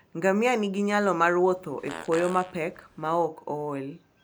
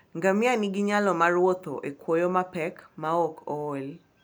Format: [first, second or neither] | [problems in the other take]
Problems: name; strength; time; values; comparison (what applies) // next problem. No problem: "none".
second | background sound (Fart); 18 dB below the speech